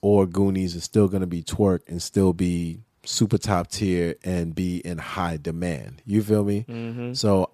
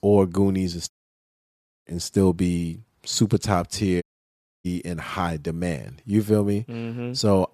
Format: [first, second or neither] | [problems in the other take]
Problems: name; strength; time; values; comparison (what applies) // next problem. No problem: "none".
first | audio cutting out; at 1 s for 1 s and at 4 s for 0.5 s